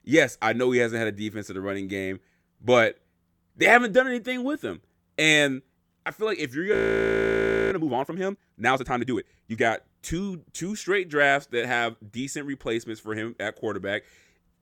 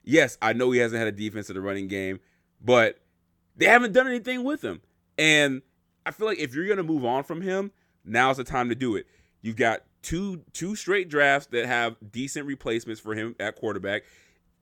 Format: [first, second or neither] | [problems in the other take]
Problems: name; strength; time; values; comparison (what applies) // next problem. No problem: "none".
second | audio freezing; at 6.5 s for 1 s